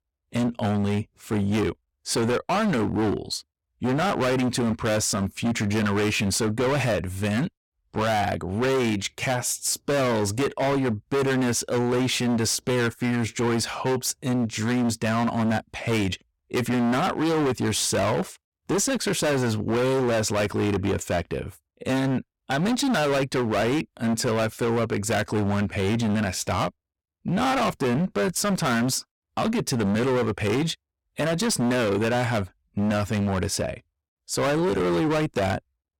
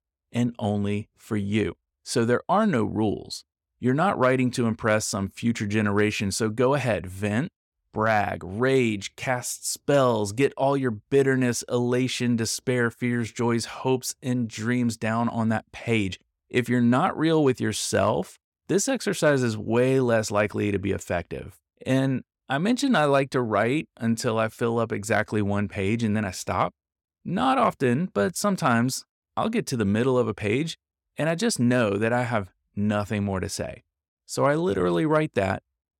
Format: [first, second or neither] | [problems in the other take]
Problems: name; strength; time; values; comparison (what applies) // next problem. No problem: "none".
second | distortion; heavy; 27% of the sound clipped